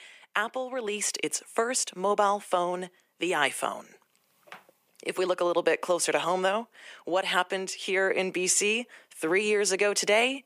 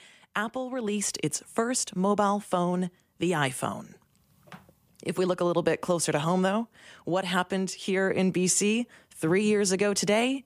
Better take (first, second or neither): second